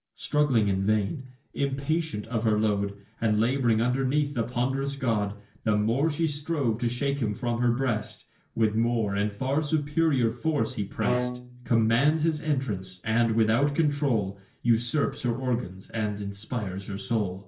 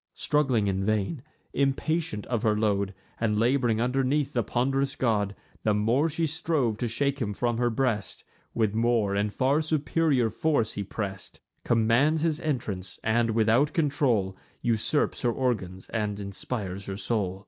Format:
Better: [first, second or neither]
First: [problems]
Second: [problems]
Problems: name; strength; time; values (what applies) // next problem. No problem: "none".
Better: second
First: background sound (Bowed string instrument); 7 dB below the speech // room echo; dies away in 0.3 s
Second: none